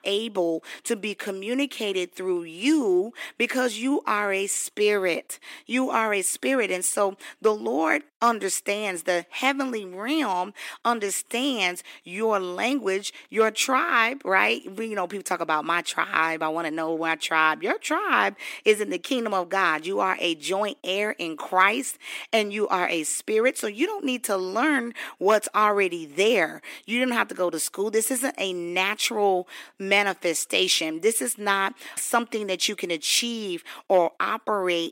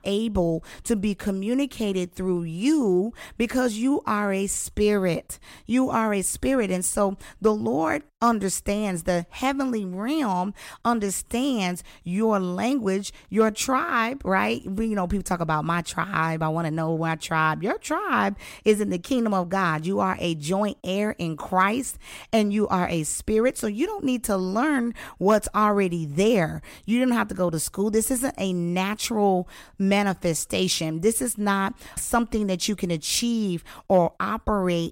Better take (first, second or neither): second